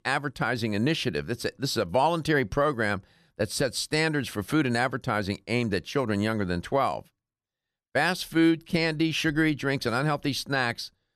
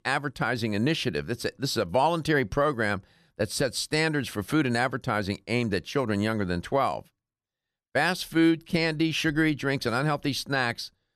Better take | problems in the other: neither | none

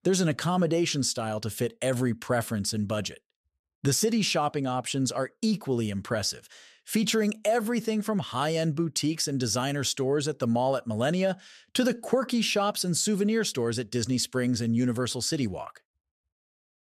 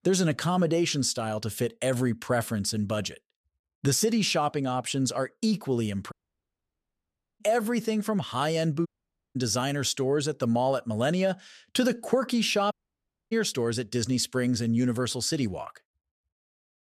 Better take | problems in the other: first | audio cutting out; at 6 s for 1.5 s, at 9 s and at 13 s for 0.5 s

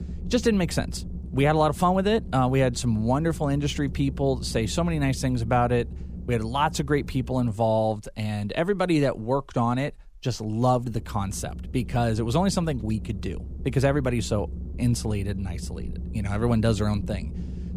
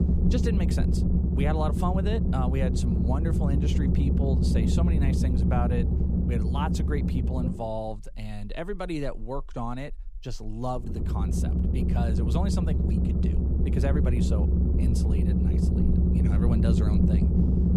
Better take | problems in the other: first | low rumble; loud; throughout; as loud as the speech; faint in the first

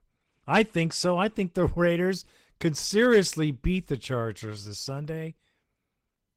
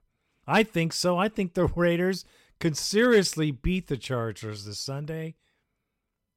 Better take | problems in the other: second | garbled, watery; slightly; nothing above 16 kHz

